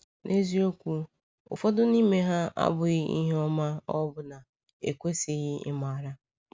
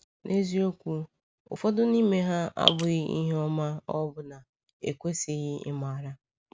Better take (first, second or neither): first